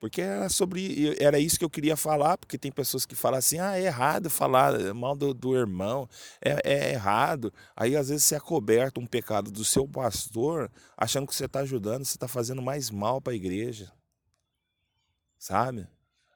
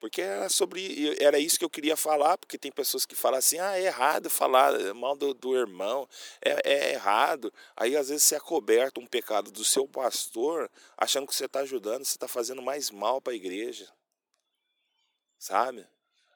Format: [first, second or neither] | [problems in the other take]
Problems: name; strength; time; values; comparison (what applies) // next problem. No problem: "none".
first | thin; somewhat; fading below 300 Hz